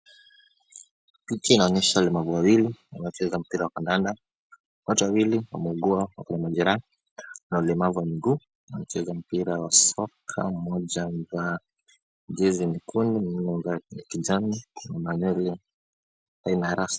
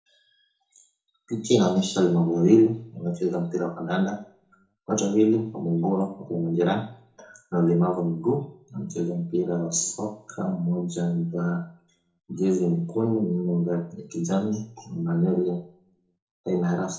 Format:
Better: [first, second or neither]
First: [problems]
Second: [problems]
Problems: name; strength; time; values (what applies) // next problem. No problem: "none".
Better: first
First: none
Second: room echo; dies away in 0.5 s